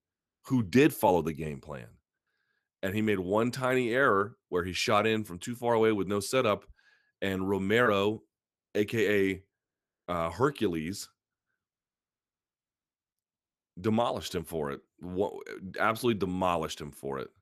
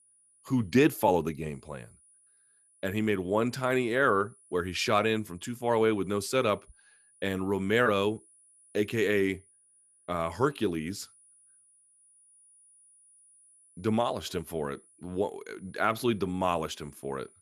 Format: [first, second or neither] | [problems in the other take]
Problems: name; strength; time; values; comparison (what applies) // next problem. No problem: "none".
first | high-pitched whine; faint; throughout; 9.5 kHz, 30 dB below the speech